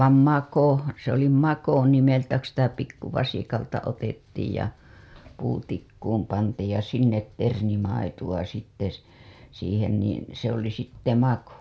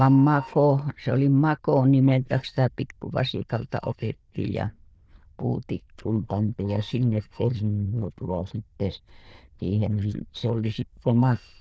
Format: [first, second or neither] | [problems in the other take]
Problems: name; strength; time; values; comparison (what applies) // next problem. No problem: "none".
first | noise reduction (neural diffusion model UNIVERSE++)